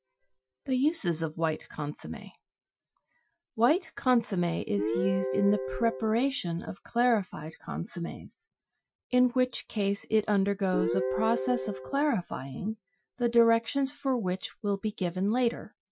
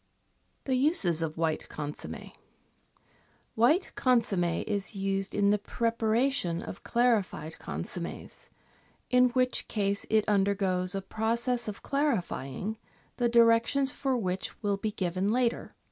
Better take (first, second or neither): second